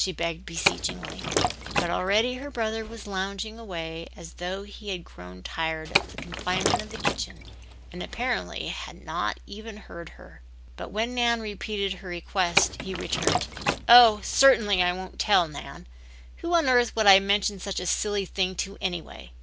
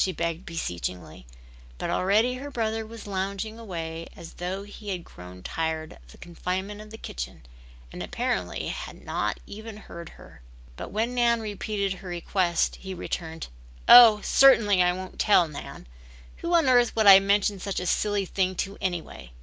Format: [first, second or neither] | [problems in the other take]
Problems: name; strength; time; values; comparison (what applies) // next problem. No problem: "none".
second | background sound (Liquid); 3 dB below the speech